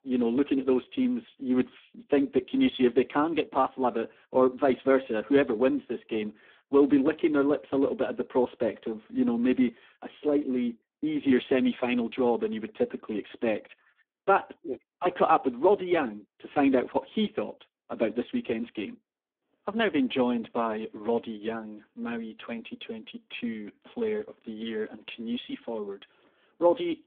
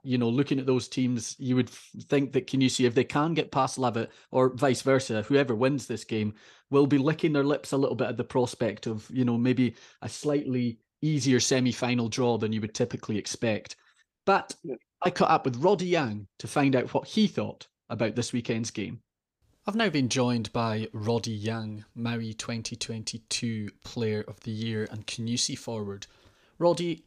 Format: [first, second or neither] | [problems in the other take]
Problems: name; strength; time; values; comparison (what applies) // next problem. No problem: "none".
second | phone-call audio; poor line